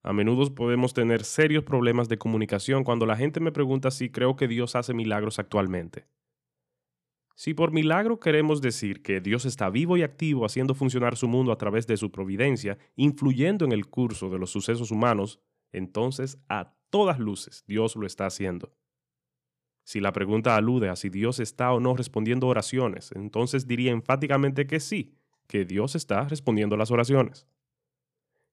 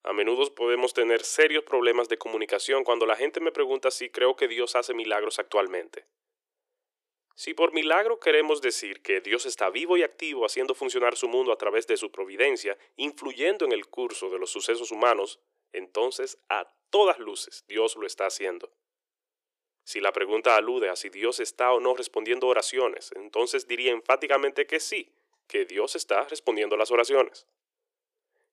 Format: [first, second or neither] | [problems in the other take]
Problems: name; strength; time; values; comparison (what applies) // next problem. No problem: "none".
first | thin; very; fading below 350 Hz